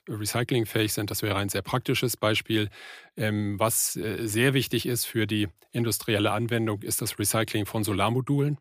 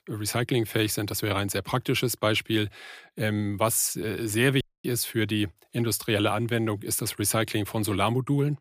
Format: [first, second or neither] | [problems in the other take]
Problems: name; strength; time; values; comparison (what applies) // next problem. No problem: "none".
first | audio cutting out; at 4.5 s